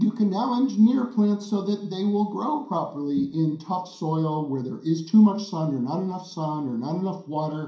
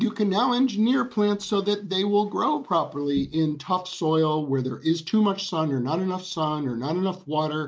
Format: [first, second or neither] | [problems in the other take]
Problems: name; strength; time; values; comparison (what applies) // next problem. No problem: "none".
second | room echo; dies away in 0.5 s